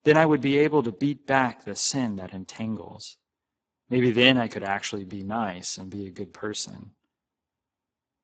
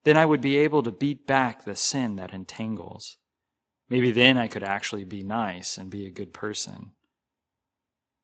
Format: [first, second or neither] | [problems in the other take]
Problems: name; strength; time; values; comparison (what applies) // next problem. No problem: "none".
second | garbled, watery; badly; nothing above 7.5 kHz; slightly in the second